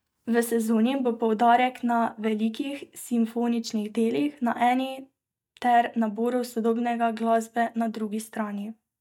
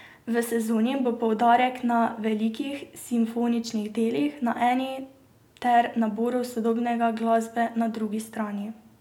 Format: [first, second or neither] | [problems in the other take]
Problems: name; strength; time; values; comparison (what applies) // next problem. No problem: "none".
second | noise reduction (neural mask model DeepFilterNet 3)